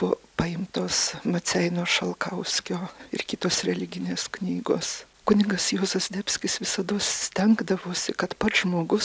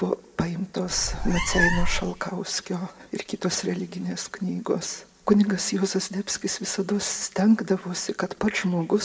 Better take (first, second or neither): first